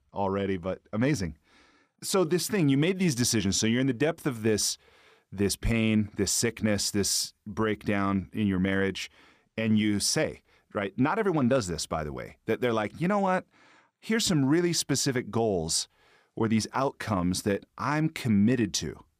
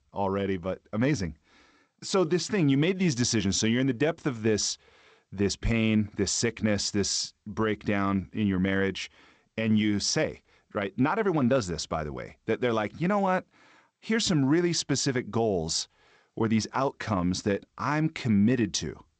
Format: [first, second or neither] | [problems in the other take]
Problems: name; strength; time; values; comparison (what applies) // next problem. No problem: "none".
first | garbled, watery; slightly; nothing above 8 kHz